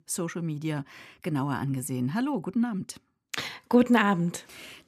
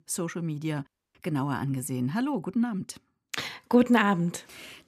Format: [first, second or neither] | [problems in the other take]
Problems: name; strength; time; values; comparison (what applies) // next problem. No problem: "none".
first | audio cutting out; at 1 s